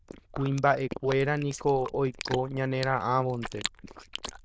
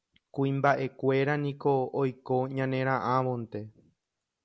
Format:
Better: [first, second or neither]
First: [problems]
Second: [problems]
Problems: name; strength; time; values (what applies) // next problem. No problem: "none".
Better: second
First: noise reduction (neural diffusion model UNIVERSE++)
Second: none